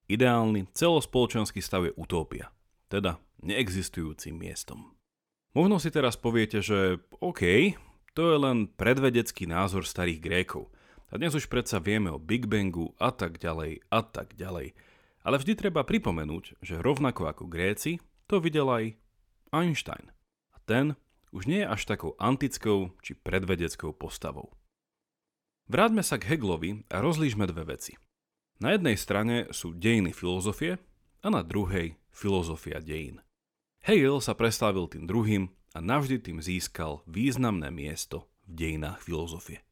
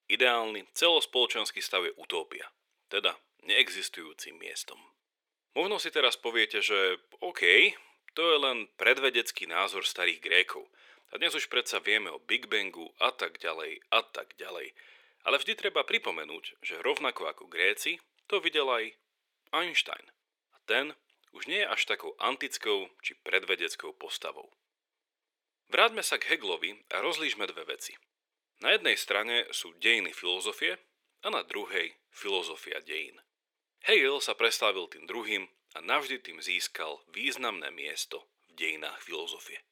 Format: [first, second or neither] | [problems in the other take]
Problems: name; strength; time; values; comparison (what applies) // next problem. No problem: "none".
first | thin; very; fading below 400 Hz